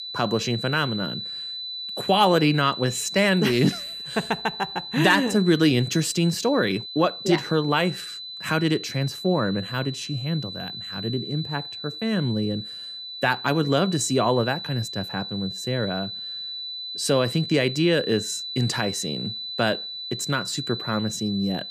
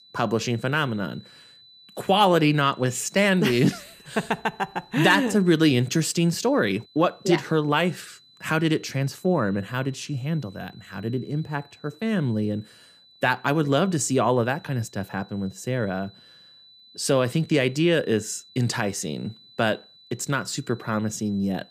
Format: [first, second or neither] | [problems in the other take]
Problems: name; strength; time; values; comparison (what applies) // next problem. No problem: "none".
second | high-pitched whine; loud; throughout; 4 kHz, 8 dB below the speech; faint in the second